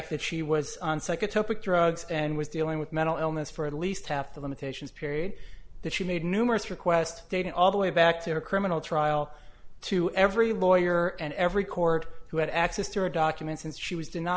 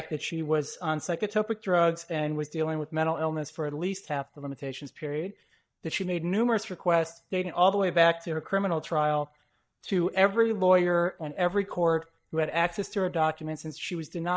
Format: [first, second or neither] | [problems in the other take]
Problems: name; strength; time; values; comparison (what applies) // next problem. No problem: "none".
first | noise reduction (neural mask model DeepFilterNet 3)